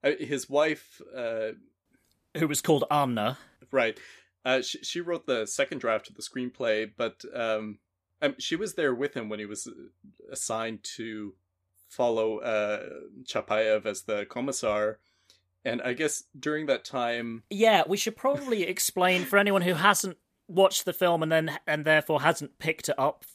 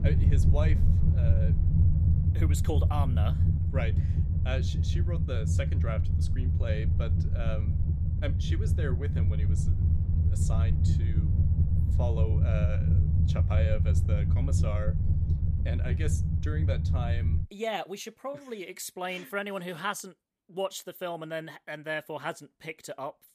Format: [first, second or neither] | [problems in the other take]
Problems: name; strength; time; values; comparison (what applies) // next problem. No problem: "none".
first | low rumble; loud; until 17 s; 4 dB below the speech